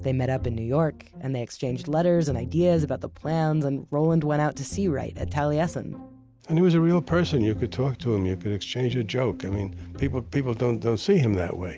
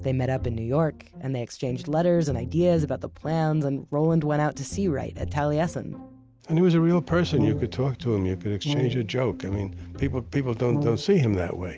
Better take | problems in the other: first | background sound (Brass instrument); 6 dB below the speech

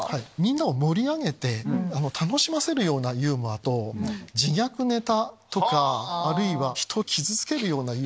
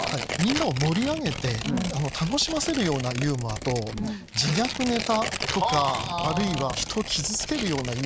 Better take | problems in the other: first | background sound (Tearing); 7 dB below the speech

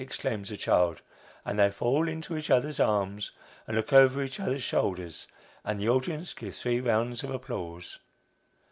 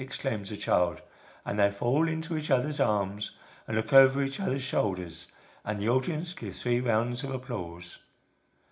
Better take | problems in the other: first | room echo; dies away in 0.4 s

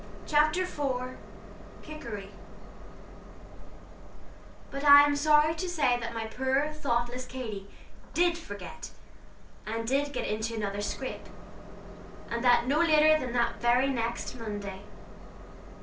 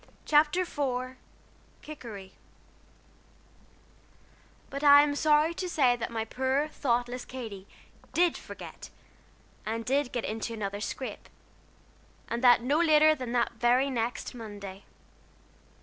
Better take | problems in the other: second | background sound (Train); 16 dB below the speech // room echo; dies away in 0.3 s

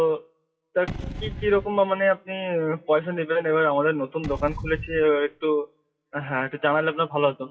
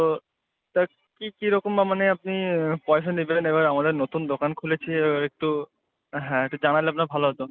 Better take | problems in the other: second | noise reduction (classical method WPE with log-MMSE)

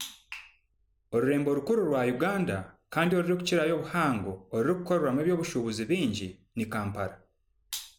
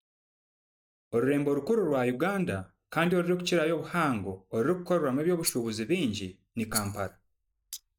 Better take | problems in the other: first | noise reduction (neural mask model DeepFilterNet 3)

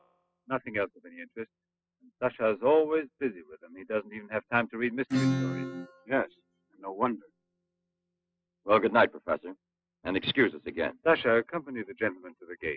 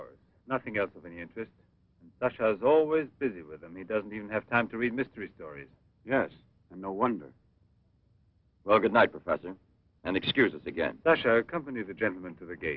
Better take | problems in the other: second | noise reduction (classical method spectral subtraction)

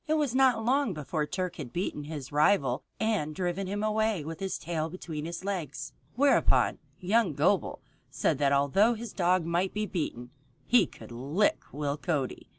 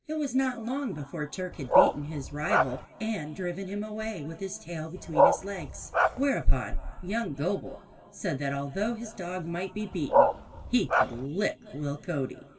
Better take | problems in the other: first | background sound (Bark); 4 dB above the speech // room echo; dies away in 2.3 s

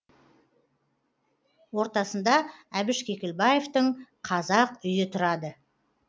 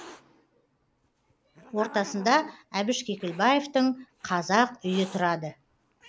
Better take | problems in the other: first | background sound (Hiss); 20 dB below the speech

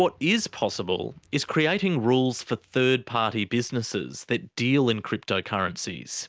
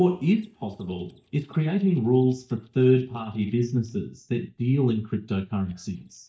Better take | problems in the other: first | noise reduction (neural mask model DeepFilterNet 3)

